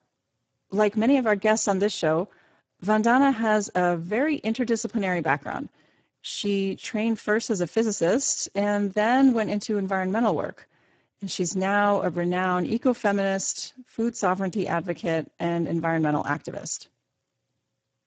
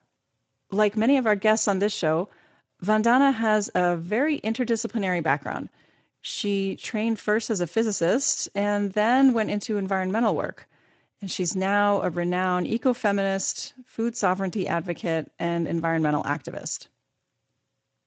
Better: second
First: garbled, watery; badly; nothing above 7.5 kHz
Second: garbled, watery; slightly; nothing above 7.5 kHz

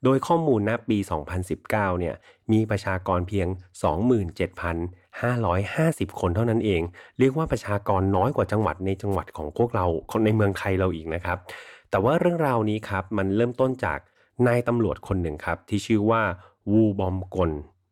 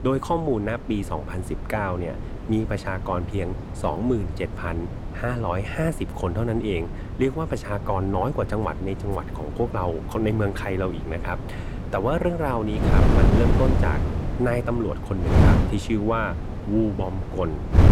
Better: first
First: none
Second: wind noise on the microphone; heavy; 6 dB below the speech

